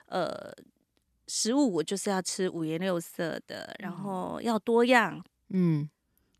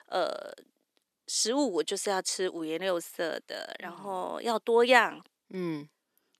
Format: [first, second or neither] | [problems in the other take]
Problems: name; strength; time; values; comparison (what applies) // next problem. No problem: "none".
first | thin; somewhat; fading below 450 Hz